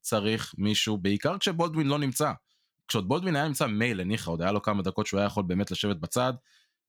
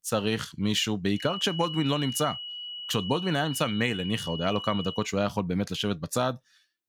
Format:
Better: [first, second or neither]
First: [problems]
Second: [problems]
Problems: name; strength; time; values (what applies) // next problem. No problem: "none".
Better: first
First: none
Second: high-pitched whine; loud; from 1 to 5 s; 3 kHz, 7 dB below the speech